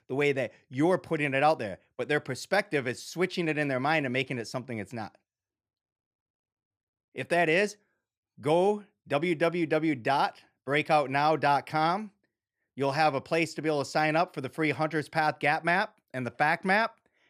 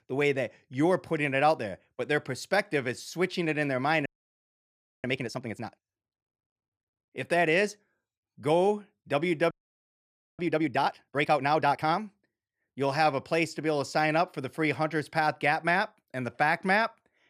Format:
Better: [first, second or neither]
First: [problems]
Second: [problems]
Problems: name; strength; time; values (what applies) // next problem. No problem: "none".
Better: first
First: none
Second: audio freezing; at 4 s for 1 s and at 9.5 s for 1 s